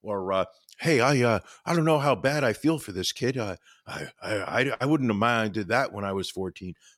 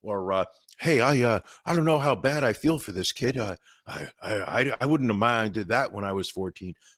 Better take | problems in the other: first | garbled, watery; slightly; nothing above 17.5 kHz

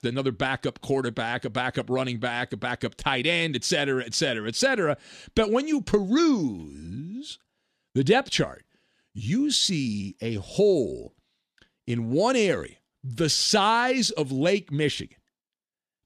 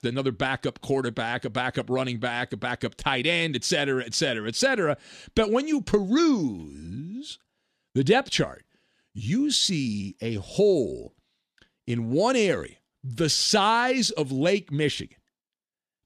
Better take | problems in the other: neither | none

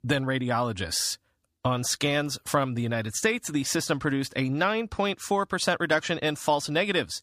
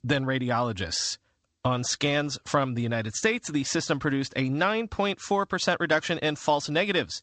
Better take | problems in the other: first | garbled, watery; slightly; nothing above 7.5 kHz

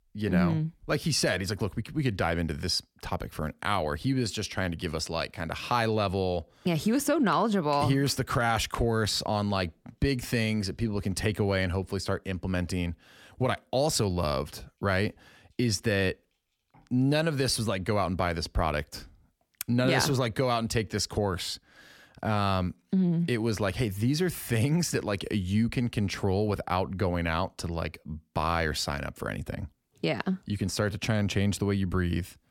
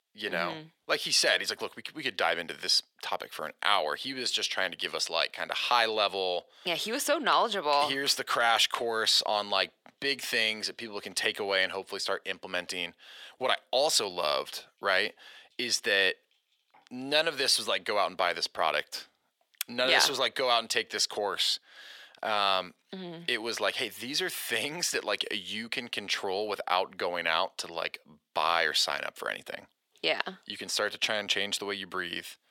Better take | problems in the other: first | thin; very; fading below 600 Hz

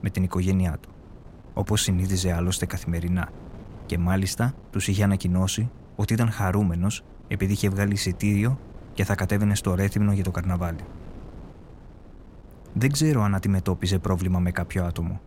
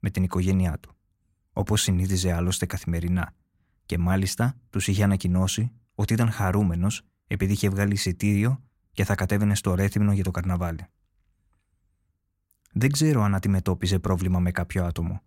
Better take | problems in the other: second | wind noise on the microphone; occasional gusts; 20 dB below the speech

